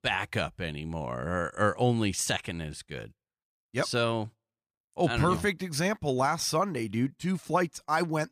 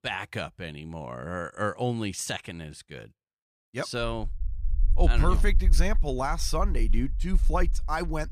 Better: first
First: none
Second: low rumble; faint; from 4 s on; 20 dB below the speech

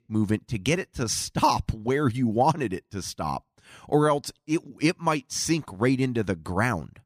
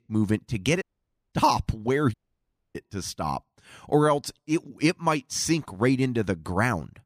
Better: first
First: none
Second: audio cutting out; at 1 s for 0.5 s and at 2 s for 0.5 s

